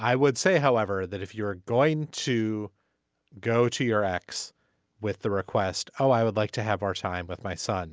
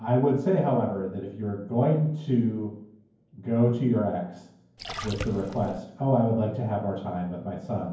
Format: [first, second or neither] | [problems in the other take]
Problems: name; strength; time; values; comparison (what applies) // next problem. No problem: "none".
first | background sound (Splash, splatter); 11 dB below the speech // room echo; dies away in 0.9 s